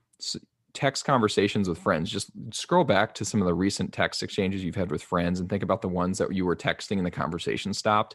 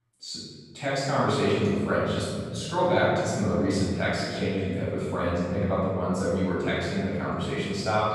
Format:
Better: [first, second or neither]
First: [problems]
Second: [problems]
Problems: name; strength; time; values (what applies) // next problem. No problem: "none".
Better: first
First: none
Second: room echo; strong; dies away in 2.2 s // off-mic speech; far